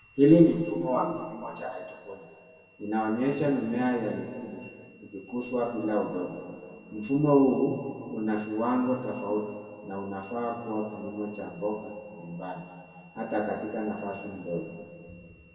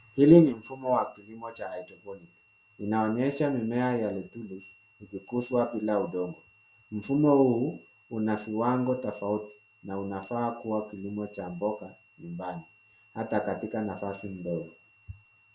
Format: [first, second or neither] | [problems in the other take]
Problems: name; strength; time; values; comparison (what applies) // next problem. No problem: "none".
second | room echo; dies away in 1.9 s